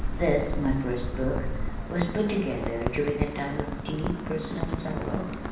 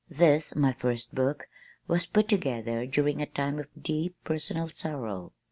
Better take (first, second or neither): second